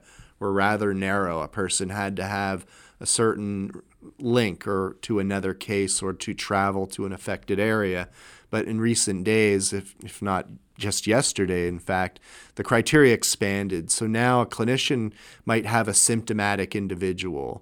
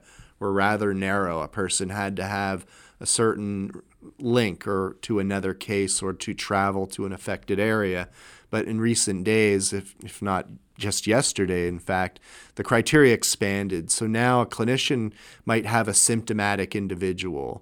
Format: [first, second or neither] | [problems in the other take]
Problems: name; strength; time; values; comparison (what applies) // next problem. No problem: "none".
neither | none